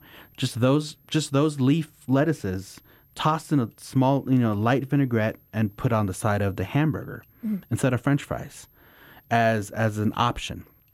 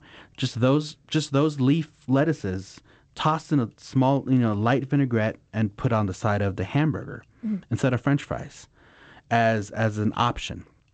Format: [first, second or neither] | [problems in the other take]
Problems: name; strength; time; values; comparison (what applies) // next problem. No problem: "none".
first | garbled, watery; slightly; nothing above 8 kHz